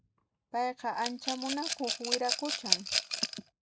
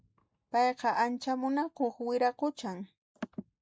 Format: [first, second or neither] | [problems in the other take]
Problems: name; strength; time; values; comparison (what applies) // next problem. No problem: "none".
second | background sound (Rattle / Glass); 2 dB above the speech